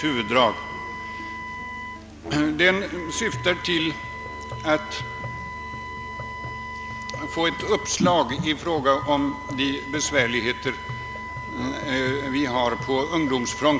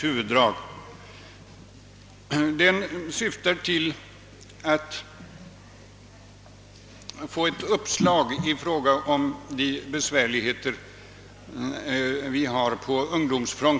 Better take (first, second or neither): second